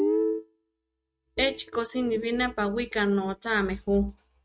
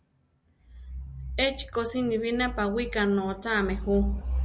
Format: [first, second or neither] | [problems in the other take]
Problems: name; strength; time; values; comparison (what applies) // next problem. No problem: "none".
second | noise reduction (neural mask model RNNoise)